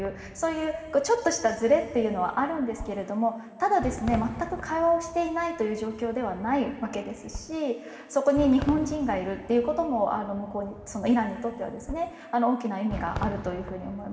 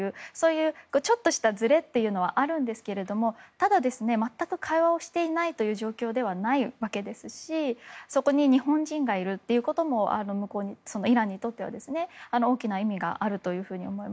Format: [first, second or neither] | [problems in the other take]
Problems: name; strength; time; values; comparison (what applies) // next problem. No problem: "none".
second | background sound (Fireworks); 14 dB below the speech // room echo; dies away in 2 s